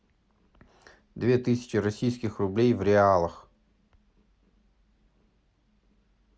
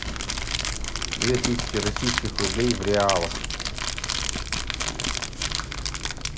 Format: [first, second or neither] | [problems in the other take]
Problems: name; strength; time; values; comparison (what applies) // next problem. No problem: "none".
first | background sound (Crumpling, crinkling); 1 dB above the speech